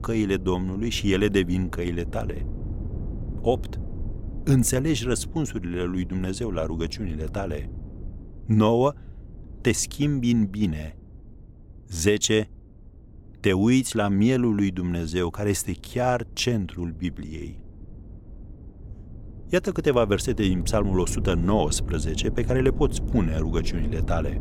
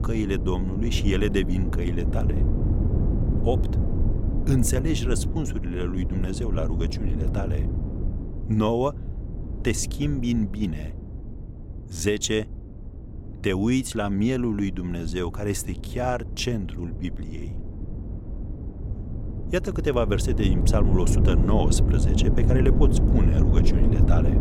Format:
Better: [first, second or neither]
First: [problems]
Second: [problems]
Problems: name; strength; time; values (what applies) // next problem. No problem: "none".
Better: first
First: wind noise on the microphone; occasional gusts; 20 dB below the speech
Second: wind noise on the microphone; heavy; 7 dB below the speech